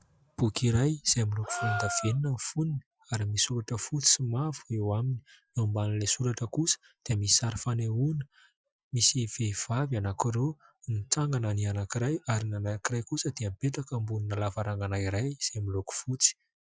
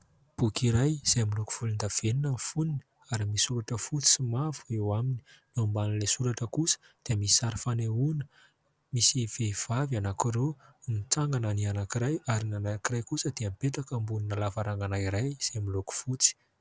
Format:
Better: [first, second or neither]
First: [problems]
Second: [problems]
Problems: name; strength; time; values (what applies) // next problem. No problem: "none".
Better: second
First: noise reduction (classical method Wiener filter)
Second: none